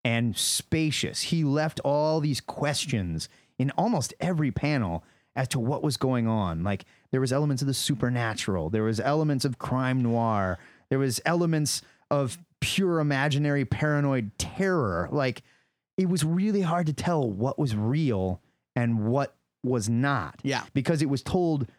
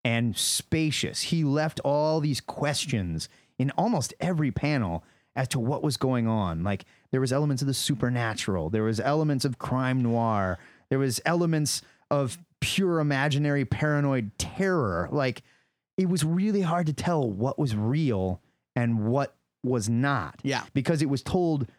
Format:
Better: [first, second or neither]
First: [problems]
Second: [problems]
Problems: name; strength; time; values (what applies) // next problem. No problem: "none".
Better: neither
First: none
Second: none